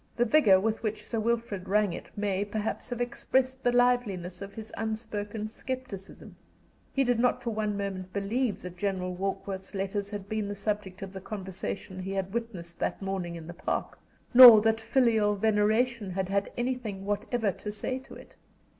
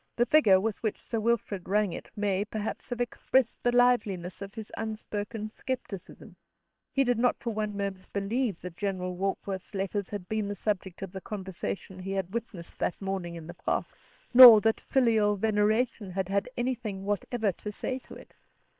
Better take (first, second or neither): first